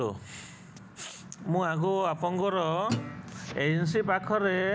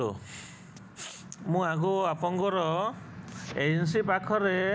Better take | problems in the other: second | background sound (Guitar); 9 dB below the speech

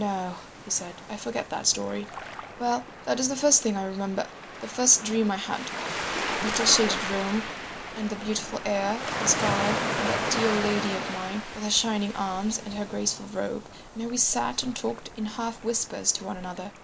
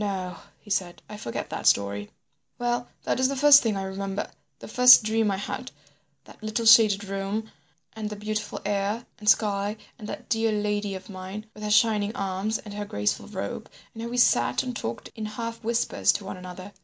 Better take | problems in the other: second | background sound (Waves, surf); 6 dB below the speech

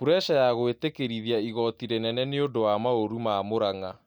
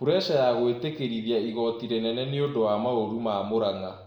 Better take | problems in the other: first | room echo; dies away in 0.8 s

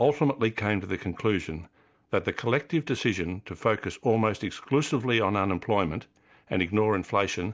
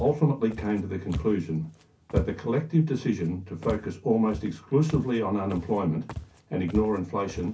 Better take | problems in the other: first | background sound (Walk, footsteps); 12 dB below the speech // room echo; dies away in 0.3 s

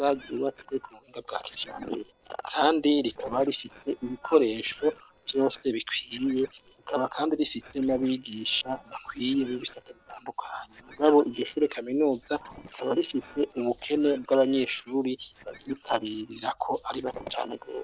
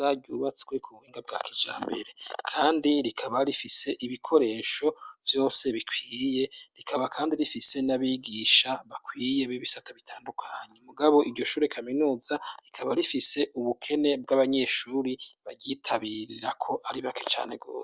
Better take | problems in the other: second | noise reduction (neural separator model SepFormer DNS4)

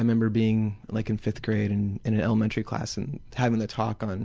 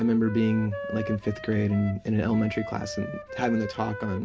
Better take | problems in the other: first | background sound (Wind instrument, woodwind instrument); 11 dB below the speech // room echo; dies away in 0.3 s

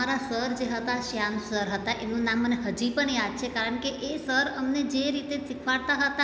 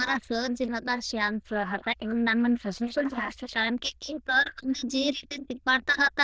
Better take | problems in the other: first | noise reduction (neural diffusion model UNIVERSE++)

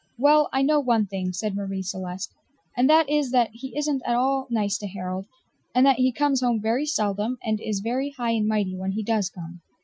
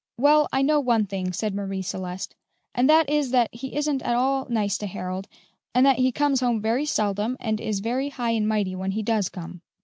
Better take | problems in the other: second | noise reduction (classical method Wiener filter)

